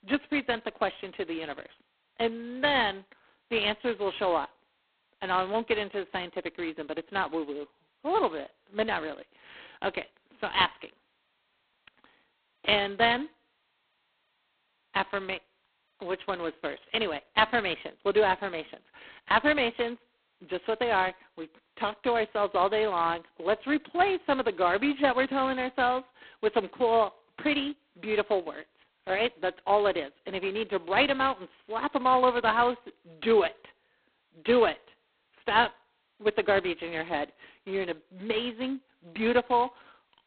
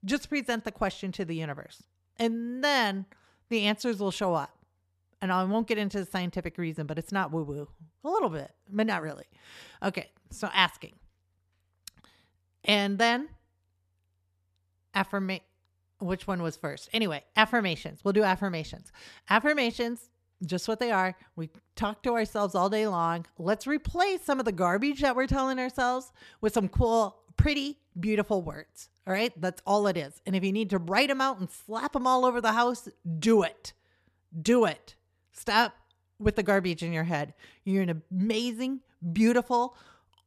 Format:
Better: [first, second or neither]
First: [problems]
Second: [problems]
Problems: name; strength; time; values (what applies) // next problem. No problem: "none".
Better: second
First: phone-call audio; poor line; nothing above 4 kHz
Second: none